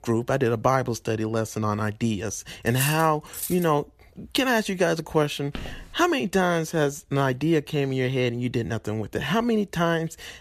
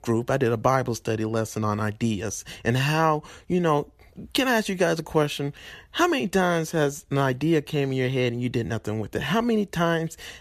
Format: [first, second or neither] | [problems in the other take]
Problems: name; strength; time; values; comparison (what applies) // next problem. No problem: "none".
second | clattering dishes; noticeable; at 2.5 s; peak 5 dB below the speech // footsteps; faint; at 5.5 s; peak 15 dB below the speech